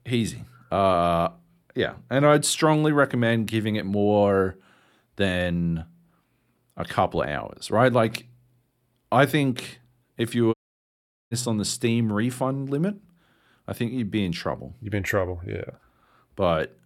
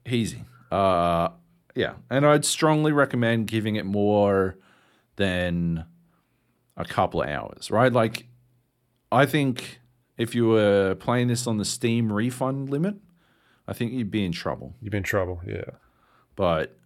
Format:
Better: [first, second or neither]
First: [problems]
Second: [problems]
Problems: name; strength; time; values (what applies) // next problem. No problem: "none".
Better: second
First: audio cutting out; at 11 s for 1 s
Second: none